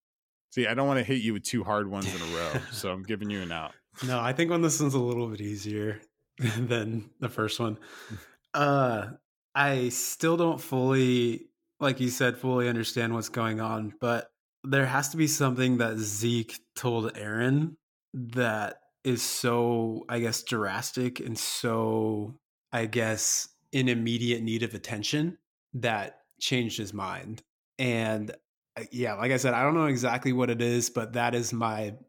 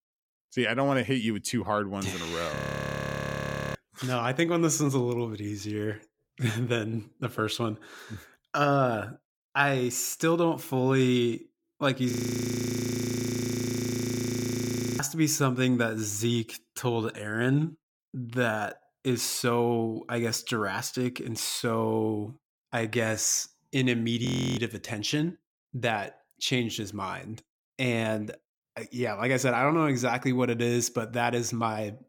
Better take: first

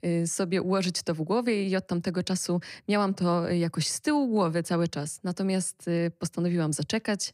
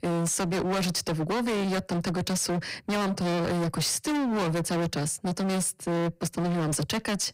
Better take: first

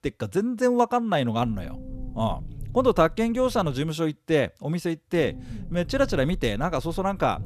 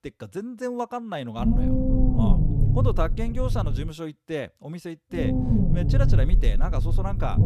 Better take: first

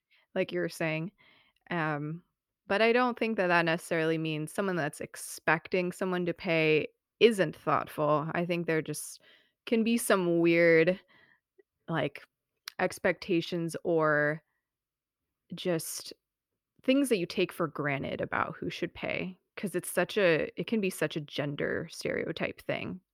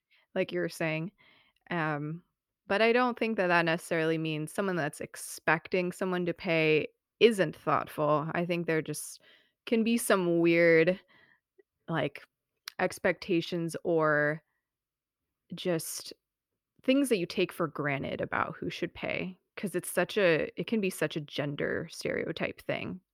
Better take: neither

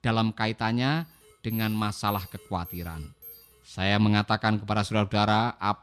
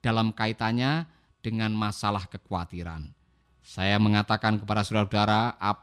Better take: second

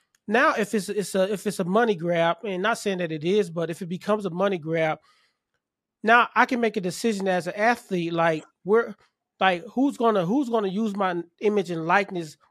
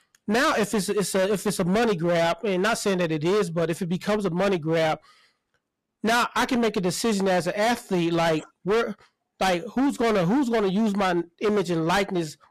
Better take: first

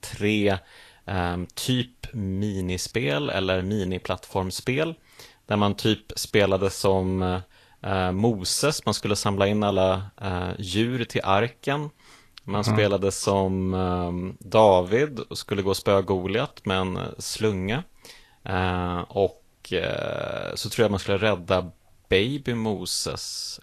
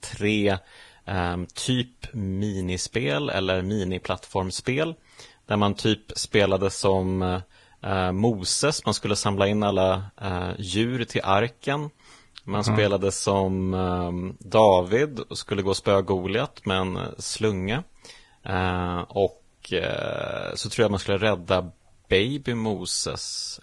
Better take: first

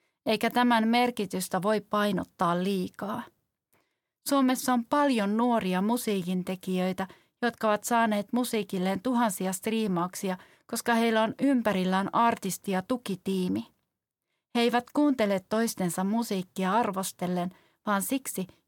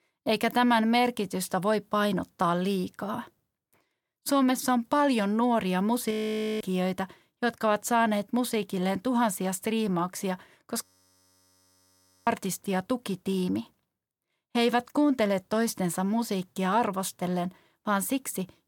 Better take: first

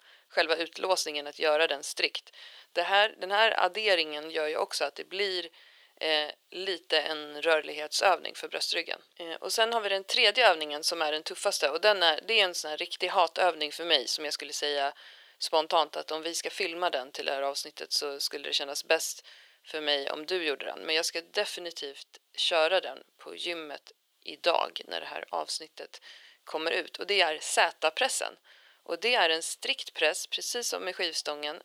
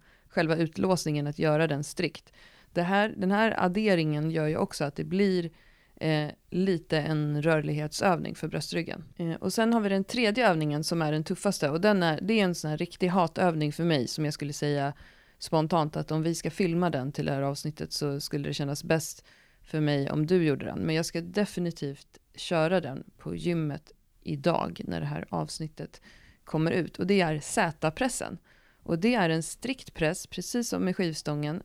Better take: second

